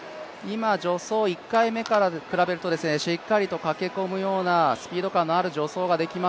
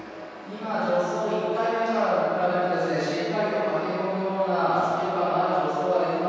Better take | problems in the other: first | room echo; dies away in 2.2 s

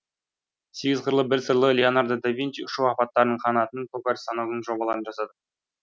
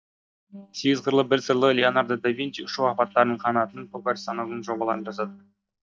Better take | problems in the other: first | noise reduction (neural mask model DeepFilterNet 3)

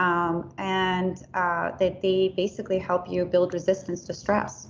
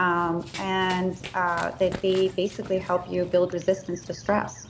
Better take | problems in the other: first | background sound (Run); 17 dB below the speech

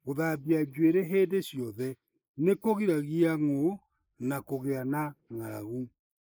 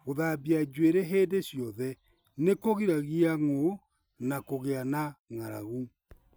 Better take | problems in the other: second | noise reduction (neural mask model Resemble Enhance denoiser)

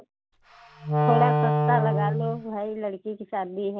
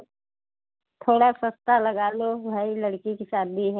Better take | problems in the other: second | background sound (Wind instrument, woodwind instrument); 4 dB above the speech

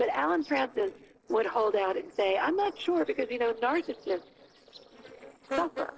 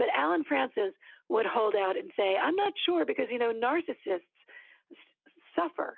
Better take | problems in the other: second | noise reduction (neural separator model SepFormer DNS4)

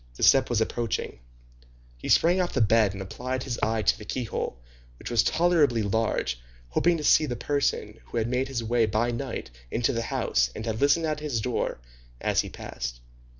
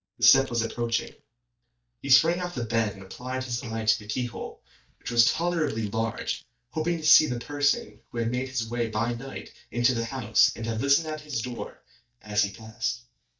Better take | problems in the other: first | noise reduction (neural mask model DeepFilterNet 3)

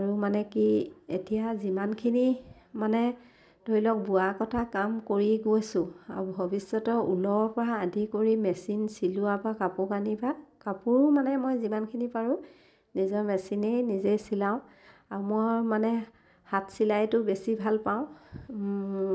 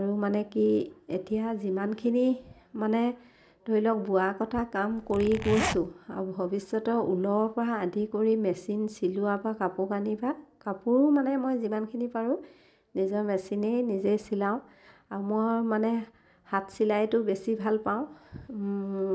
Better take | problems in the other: first | background sound (Zipper (clothing)); 5 dB below the speech

